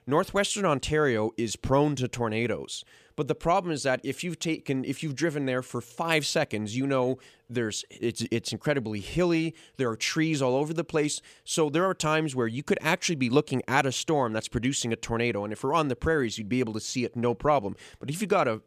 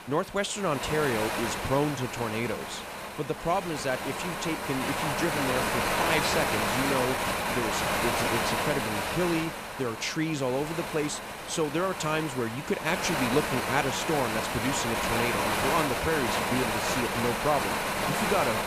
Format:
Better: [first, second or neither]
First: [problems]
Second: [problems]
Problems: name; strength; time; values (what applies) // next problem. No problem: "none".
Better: first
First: none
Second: wind noise on the microphone; heavy; 2 dB above the speech